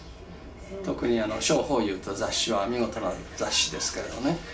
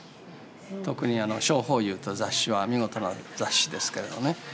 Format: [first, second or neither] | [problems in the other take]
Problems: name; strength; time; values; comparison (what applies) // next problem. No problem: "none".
second | background sound (Bird vocalization, bird call, bird song); 17 dB below the speech // room echo; dies away in 0.3 s